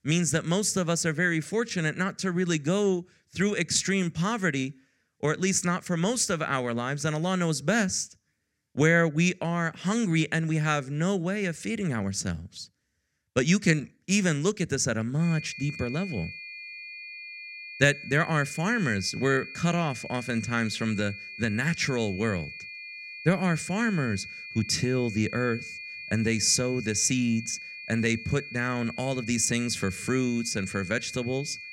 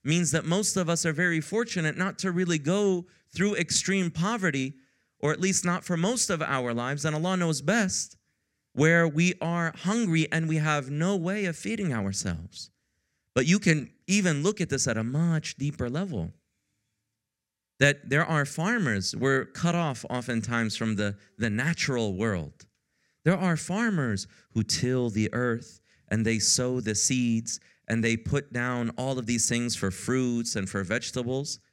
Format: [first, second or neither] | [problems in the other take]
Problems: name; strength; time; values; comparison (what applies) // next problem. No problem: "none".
second | high-pitched whine; noticeable; from 15 s on; 2.5 kHz, 10 dB below the speech